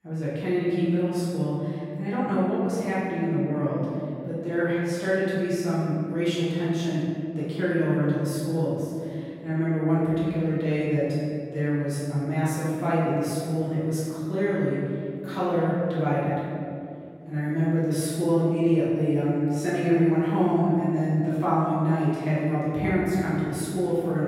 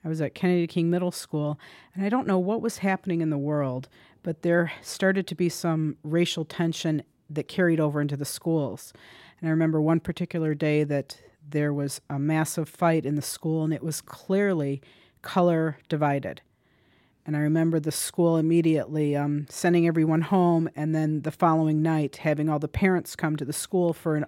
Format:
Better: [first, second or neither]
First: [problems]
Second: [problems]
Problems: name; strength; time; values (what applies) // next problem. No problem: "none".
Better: second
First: off-mic speech; far // room echo; strong; dies away in 2.5 s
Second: none